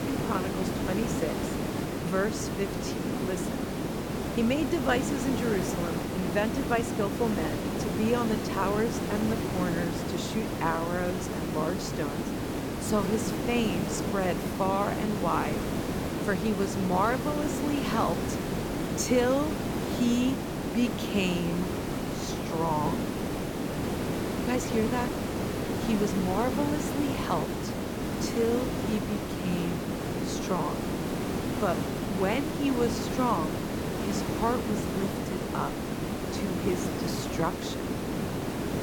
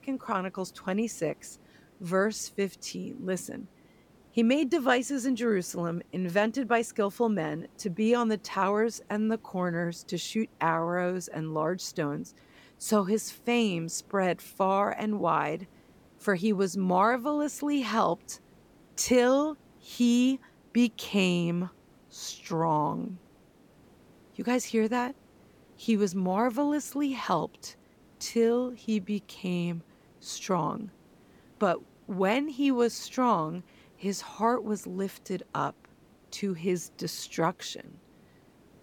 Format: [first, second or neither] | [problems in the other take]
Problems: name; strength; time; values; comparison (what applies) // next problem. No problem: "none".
second | hiss; loud; throughout; as loud as the speech; faint in the second